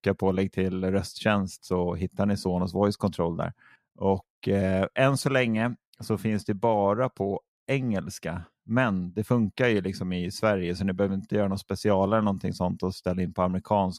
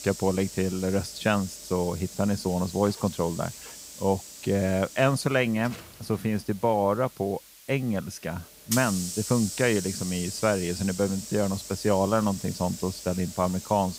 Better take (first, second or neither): first